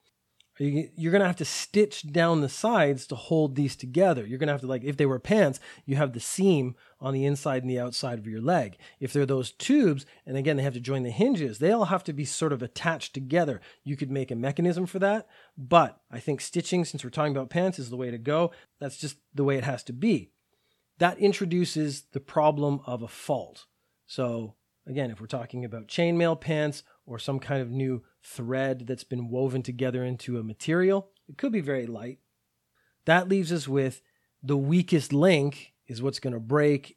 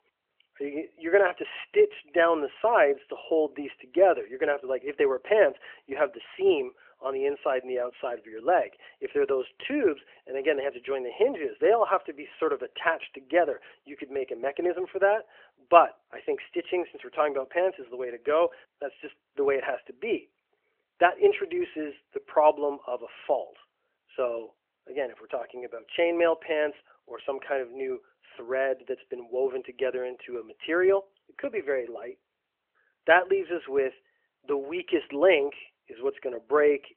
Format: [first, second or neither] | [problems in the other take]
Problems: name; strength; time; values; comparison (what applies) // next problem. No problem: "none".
first | phone-call audio; nothing above 3 kHz